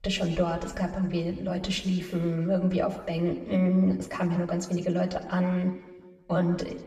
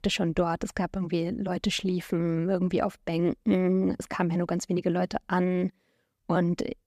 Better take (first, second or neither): second